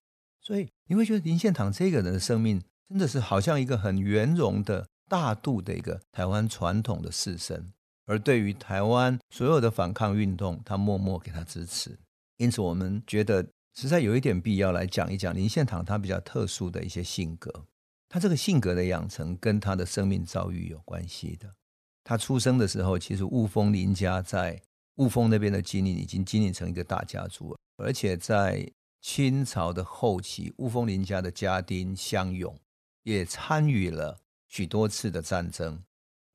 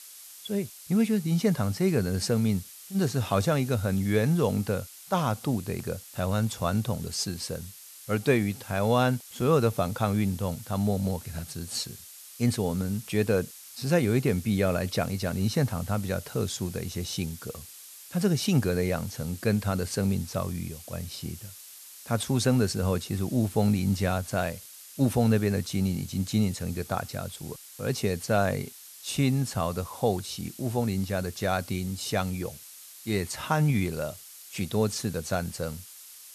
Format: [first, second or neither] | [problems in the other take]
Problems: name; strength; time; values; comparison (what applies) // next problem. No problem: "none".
first | hiss; noticeable; throughout; 15 dB below the speech